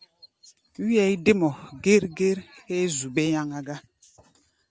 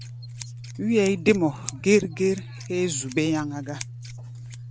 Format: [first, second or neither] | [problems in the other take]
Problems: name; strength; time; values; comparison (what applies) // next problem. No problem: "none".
first | background sound (Scissors); 12 dB below the speech